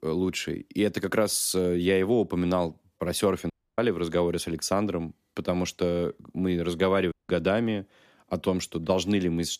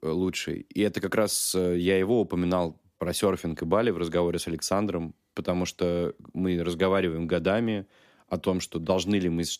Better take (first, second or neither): second